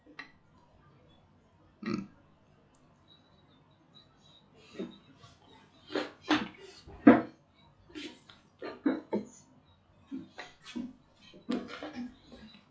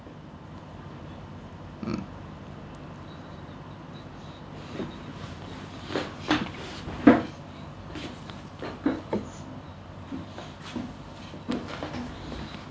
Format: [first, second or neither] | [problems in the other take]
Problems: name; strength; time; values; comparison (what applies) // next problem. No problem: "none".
second | noise reduction (classical method log-MMSE)